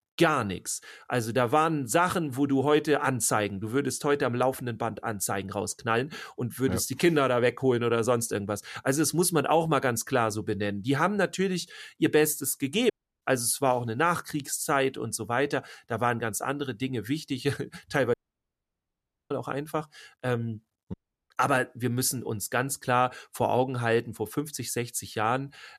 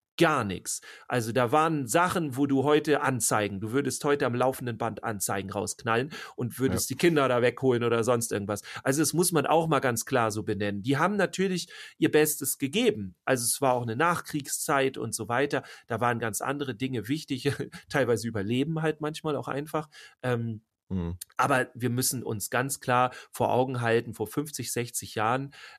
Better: second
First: audio cutting out; at 13 s, at 18 s for 1 s and at 21 s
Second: none

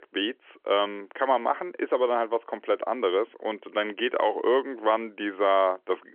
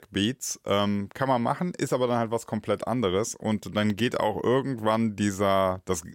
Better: second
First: phone-call audio; nothing above 3.5 kHz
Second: none

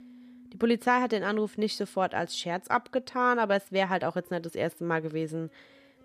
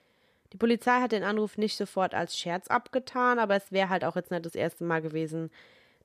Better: second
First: background music; faint; throughout; 30 dB below the speech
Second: none

